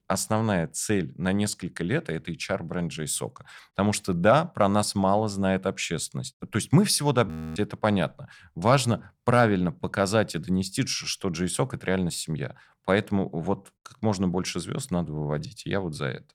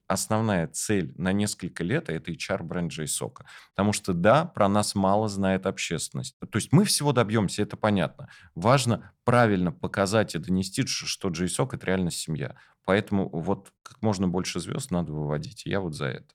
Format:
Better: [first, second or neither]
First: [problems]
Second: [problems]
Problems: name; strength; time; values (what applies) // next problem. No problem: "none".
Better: second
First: audio freezing; at 7.5 s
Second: none